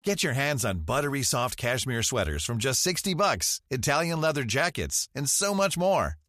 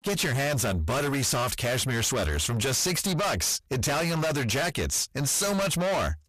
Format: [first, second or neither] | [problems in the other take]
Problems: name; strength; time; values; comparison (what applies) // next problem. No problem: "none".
first | distortion; heavy; 5 dB below the speech